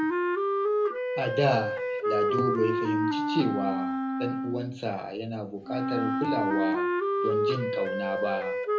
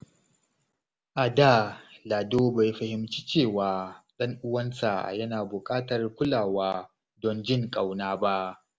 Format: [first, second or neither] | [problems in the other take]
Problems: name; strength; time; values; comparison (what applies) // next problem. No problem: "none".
second | background sound (Wind instrument, woodwind instrument); 3 dB above the speech // room echo; dies away in 0.3 s